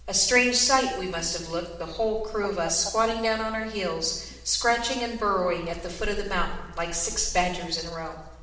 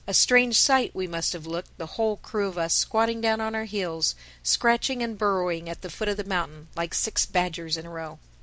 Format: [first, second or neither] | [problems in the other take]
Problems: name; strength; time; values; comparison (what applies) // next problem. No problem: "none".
second | background sound (Fowl); 19 dB below the speech // room echo; dies away in 0.9 s